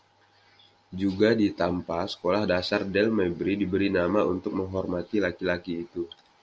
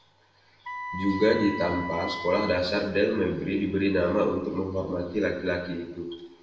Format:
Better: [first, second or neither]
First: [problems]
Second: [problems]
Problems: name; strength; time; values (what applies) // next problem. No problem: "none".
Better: first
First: none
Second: background sound (Wind instrument, woodwind instrument); 9 dB below the speech // room echo; dies away in 0.7 s